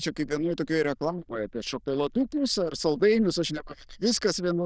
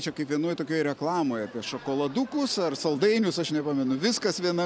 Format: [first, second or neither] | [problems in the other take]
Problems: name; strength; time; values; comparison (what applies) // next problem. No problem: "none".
second | noise reduction (neural diffusion model UNIVERSE++)